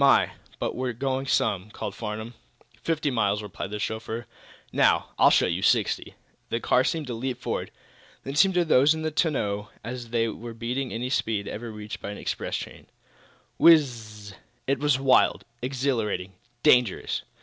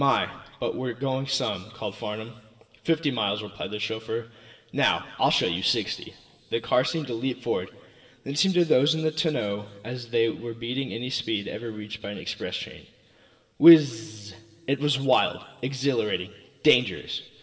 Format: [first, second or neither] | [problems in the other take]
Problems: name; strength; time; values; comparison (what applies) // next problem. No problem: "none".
first | room echo; dies away in 2.8 s